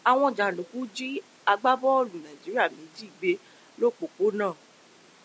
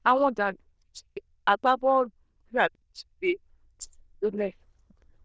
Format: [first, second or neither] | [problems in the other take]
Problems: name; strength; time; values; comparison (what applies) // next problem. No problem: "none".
first | noise reduction (neural diffusion model UNIVERSE++)